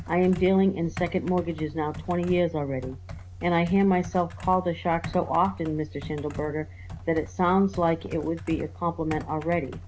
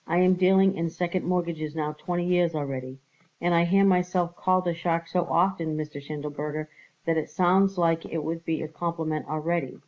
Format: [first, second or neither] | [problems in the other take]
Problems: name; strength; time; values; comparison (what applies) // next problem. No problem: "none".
second | background sound (Computer keyboard); 13 dB below the speech